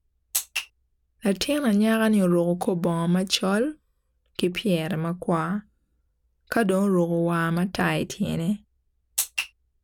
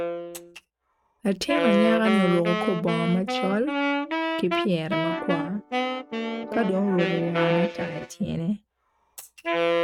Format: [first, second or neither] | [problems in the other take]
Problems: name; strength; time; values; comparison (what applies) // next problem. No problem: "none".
first | noise reduction (neural mask model RNNoise)